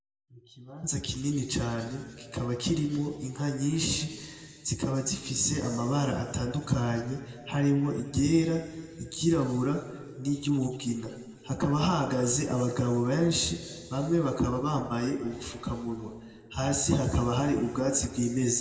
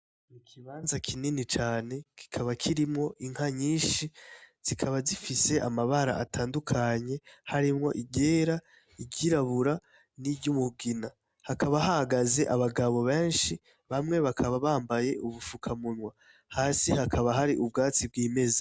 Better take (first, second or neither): second